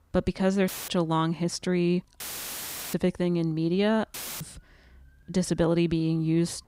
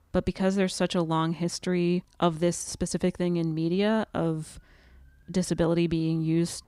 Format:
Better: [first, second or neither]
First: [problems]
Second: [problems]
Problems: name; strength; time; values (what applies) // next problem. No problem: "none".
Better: second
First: audio cutting out; filled with static; at 0.5 s, at 2 s for 0.5 s and at 4 s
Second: none